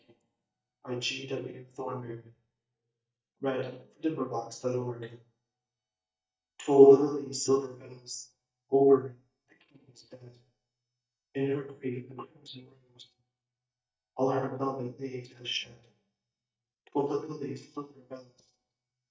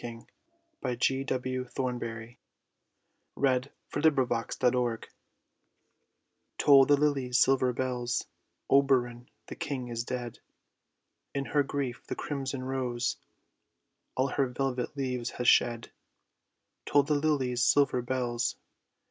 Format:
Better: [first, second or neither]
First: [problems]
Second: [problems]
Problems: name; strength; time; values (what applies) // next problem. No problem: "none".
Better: second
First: noise reduction (neural mask model DeepFilterNet 3)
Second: none